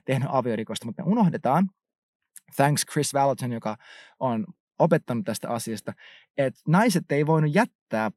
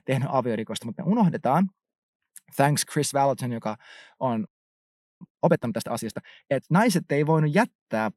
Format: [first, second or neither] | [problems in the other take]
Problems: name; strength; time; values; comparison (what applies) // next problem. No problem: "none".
first | audio freezing; at 4.5 s for 0.5 s